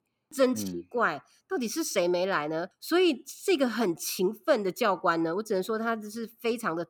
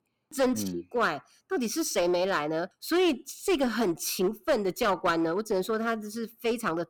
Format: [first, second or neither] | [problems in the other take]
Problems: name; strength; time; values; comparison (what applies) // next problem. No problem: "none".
first | distortion; slight; 8% of the sound clipped